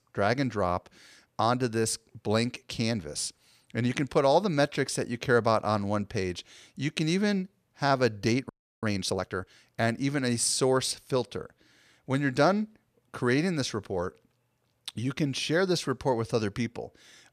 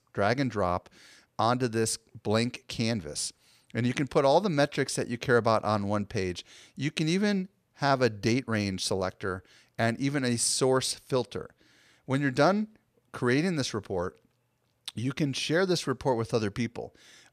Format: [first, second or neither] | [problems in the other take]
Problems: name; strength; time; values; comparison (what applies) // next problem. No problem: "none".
second | audio freezing; at 8.5 s